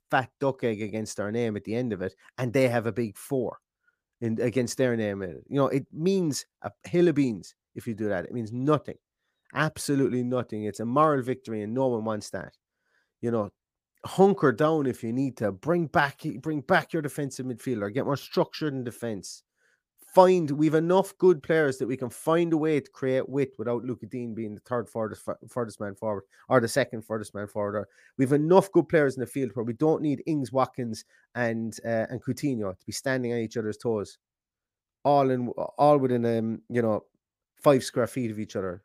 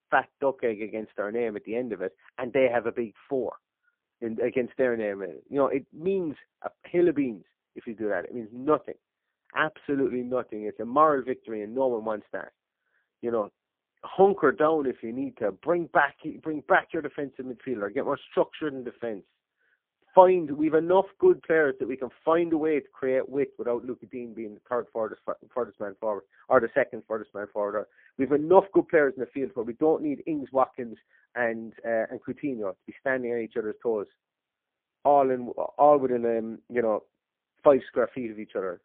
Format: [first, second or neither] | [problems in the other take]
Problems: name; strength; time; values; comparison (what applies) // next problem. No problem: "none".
first | phone-call audio; poor line